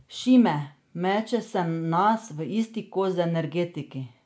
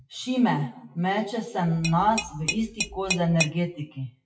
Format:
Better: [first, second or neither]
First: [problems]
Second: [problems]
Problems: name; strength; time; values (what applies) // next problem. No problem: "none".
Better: first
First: none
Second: noise reduction (classical method WPE with log-MMSE)